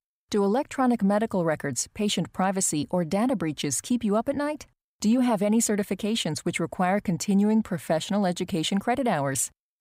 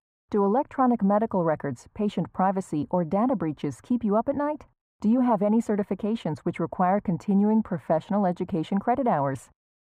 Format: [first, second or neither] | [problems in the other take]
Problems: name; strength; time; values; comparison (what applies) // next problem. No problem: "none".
first | muffled; very; fading above 2.5 kHz